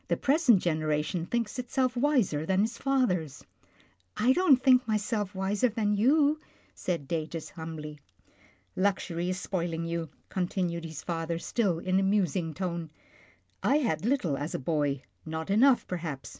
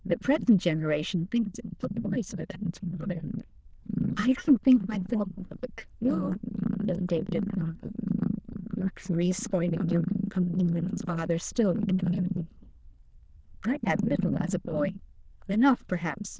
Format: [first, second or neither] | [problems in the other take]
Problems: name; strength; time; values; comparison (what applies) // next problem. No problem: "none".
first | noise reduction (neural diffusion model UNIVERSE++)